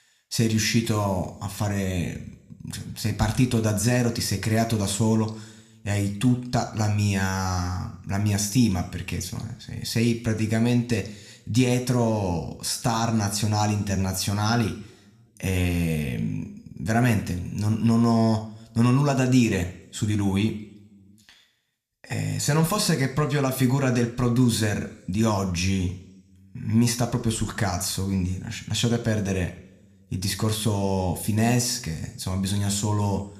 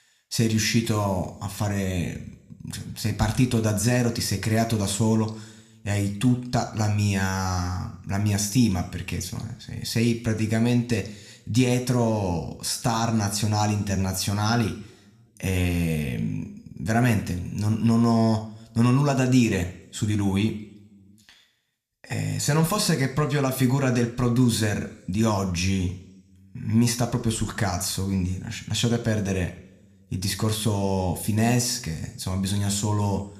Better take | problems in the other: neither | room echo; very slight; dies away in 0.6 s; the same in both

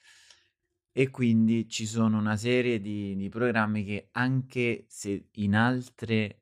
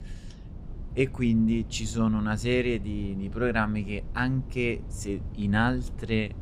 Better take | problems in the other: first | low rumble; faint; throughout; 20 dB below the speech

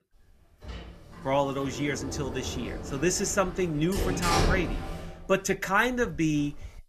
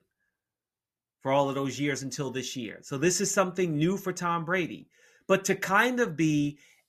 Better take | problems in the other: second | door banging; loud; from 0.5 s on; peak 3 dB above the speech

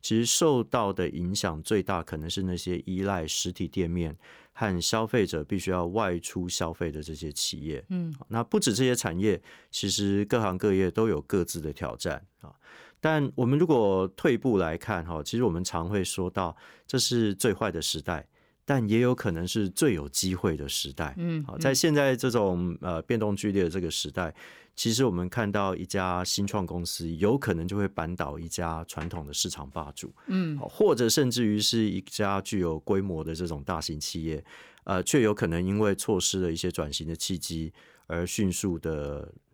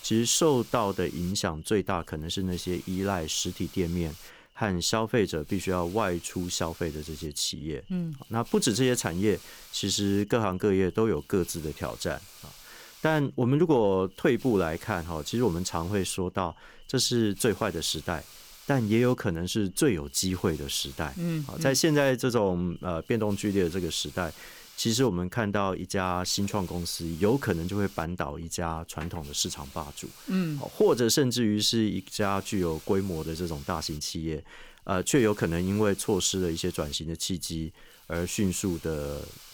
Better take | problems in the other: first | hiss; noticeable; throughout; 20 dB below the speech

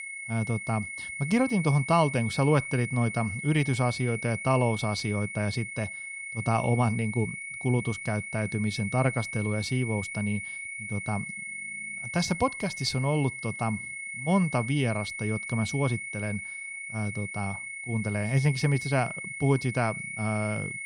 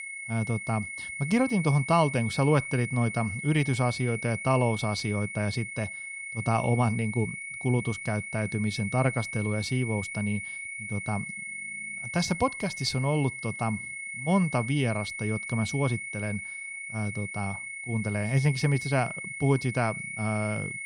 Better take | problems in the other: neither | high-pitched whine; loud; throughout; 2 kHz, 6 dB below the speech; the same in both

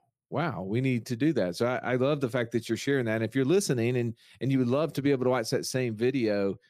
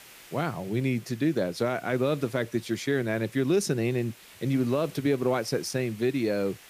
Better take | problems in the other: first | hiss; faint; throughout; 20 dB below the speech

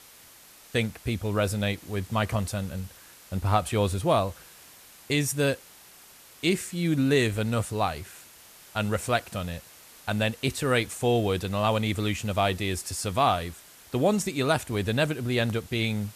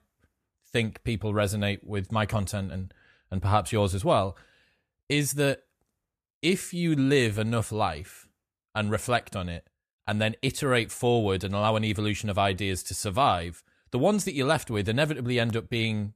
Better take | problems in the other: second | hiss; faint; throughout; 20 dB below the speech

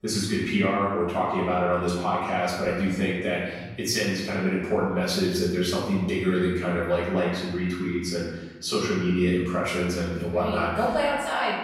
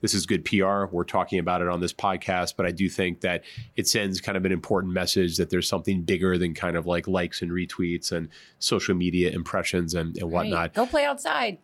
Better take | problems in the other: second | room echo; noticeable; dies away in 1.1 s // off-mic speech; far

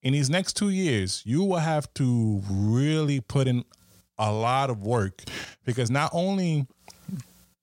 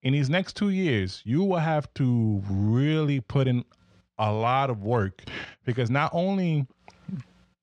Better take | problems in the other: first | muffled; slightly; fading above 2.5 kHz

